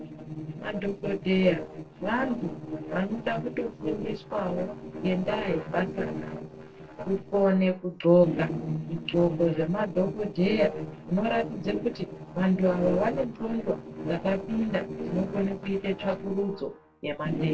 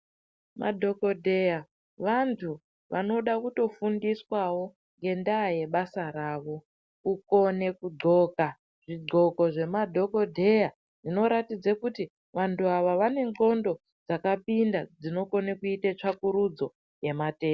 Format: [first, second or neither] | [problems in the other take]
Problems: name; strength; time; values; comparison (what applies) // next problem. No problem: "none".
second | noise reduction (neural separator model SepFormer DNS4)